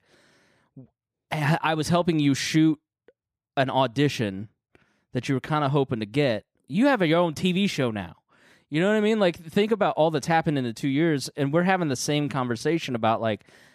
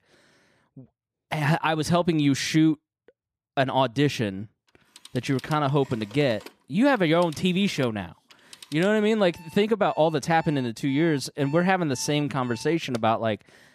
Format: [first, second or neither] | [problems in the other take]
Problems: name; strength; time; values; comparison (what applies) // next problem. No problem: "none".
first | alarms or sirens; faint; from 5 s on; 25 dB below the speech